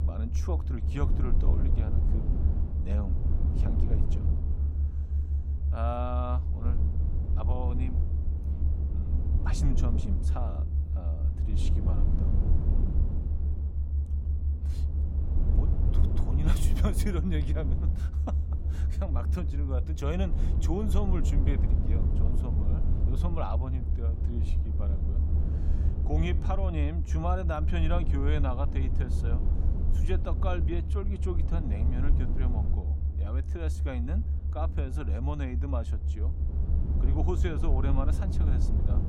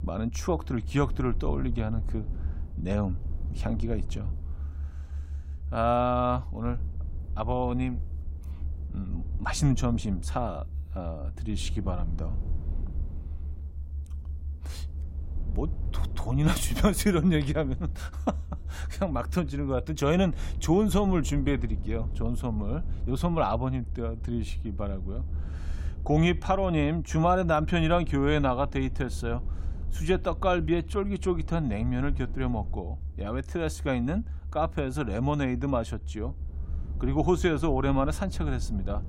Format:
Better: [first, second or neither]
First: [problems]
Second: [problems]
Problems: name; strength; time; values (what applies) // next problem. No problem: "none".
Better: second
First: low rumble; loud; throughout; 5 dB below the speech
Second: low rumble; faint; throughout; 20 dB below the speech